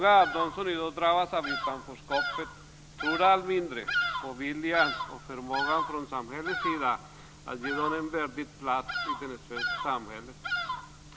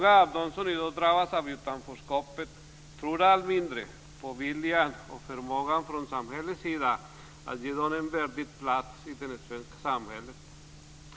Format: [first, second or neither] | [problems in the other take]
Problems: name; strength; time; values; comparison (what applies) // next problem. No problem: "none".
second | background sound (Bird vocalization, bird call, bird song); 6 dB below the speech